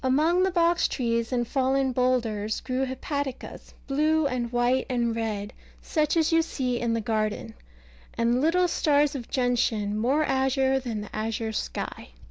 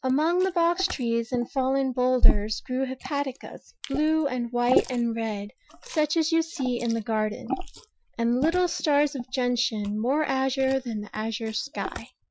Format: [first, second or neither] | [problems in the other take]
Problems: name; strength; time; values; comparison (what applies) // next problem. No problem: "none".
first | noise reduction (classical method Wiener filter)